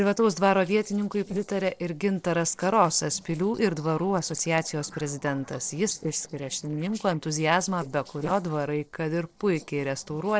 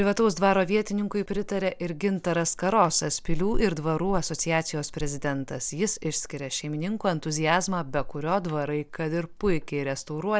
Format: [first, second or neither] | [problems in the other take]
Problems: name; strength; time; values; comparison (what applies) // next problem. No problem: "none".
second | noise reduction (neural separator model SepFormer DNS4)